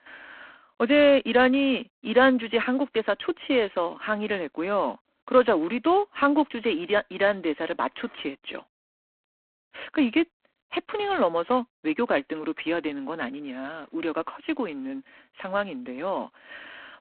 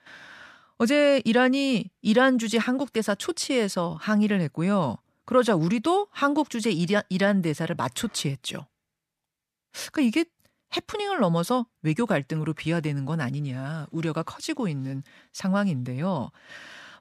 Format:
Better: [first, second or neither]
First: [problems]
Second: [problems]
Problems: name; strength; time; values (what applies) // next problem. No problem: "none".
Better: second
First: phone-call audio; poor line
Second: none